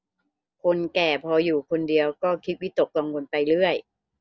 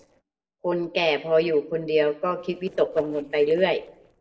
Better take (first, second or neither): first